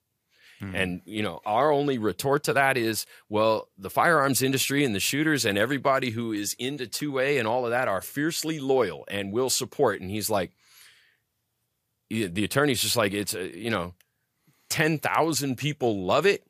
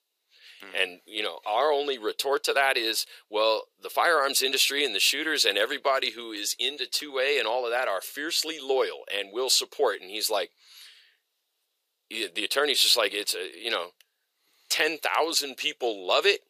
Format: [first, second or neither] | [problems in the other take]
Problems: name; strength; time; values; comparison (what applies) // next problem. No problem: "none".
first | thin; very; fading below 400 Hz